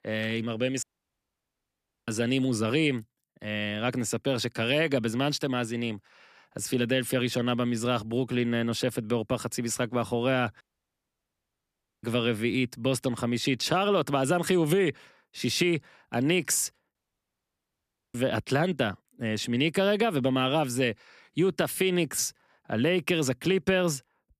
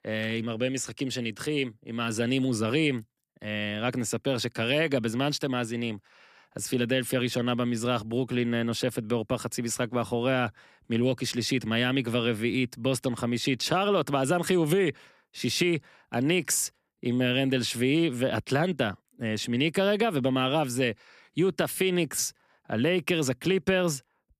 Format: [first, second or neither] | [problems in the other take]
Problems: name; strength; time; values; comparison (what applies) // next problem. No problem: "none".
second | audio cutting out; at 1 s for 1.5 s, at 11 s for 1.5 s and at 17 s for 1 s